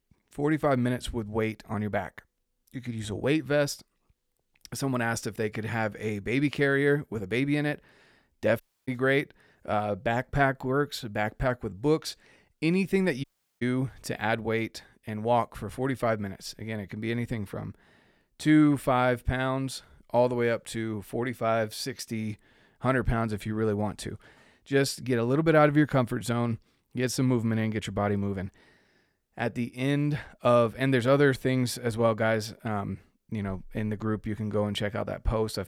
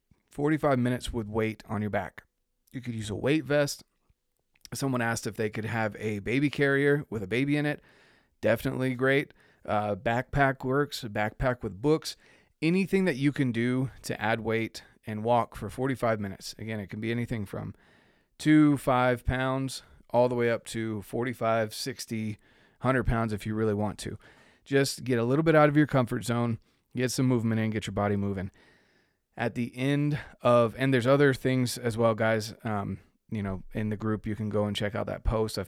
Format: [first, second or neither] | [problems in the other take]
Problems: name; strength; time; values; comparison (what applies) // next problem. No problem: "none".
second | audio cutting out; at 8.5 s and at 13 s